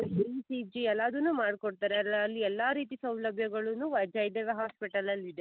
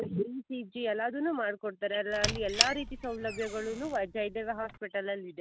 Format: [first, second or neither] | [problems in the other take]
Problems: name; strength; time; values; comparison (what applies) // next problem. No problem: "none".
first | background sound (Squeak); 2 dB below the speech